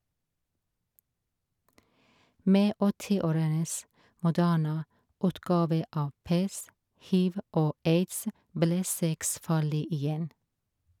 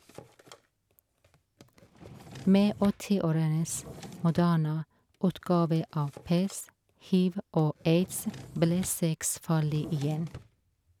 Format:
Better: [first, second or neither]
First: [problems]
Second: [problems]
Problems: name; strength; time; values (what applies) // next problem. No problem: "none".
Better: first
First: none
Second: background sound (Drawer open or close); 20 dB below the speech